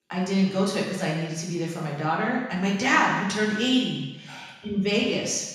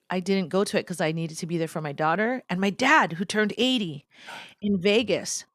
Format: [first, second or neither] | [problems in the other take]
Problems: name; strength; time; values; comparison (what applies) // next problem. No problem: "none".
second | room echo; noticeable; dies away in 1 s // off-mic speech; far